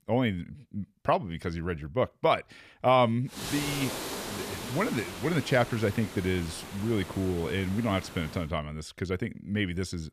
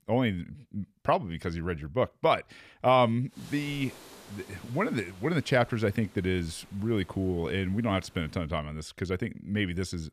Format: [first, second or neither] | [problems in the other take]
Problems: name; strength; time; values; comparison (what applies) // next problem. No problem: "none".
second | hiss; loud; from 3.5 to 8.5 s; 9 dB below the speech; faint in the second